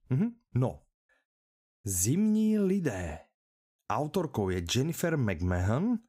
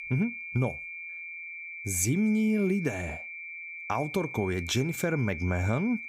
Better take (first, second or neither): first